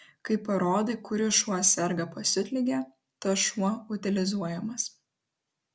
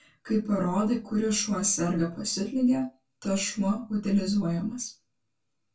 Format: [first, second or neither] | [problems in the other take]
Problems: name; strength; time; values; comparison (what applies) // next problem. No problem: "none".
first | room echo; dies away in 0.2 s